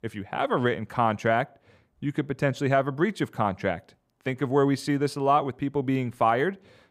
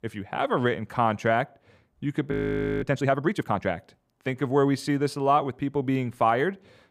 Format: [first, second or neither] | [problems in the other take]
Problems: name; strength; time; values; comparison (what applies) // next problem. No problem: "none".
first | audio freezing; at 2.5 s for 0.5 s